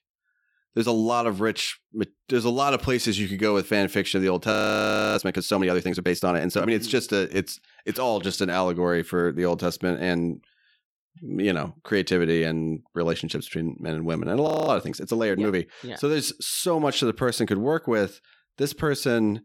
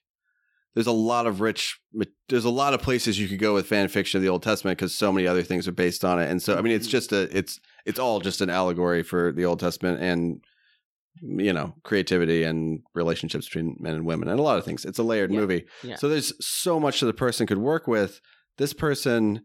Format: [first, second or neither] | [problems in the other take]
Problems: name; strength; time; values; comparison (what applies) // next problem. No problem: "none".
second | audio freezing; at 4.5 s for 0.5 s and at 14 s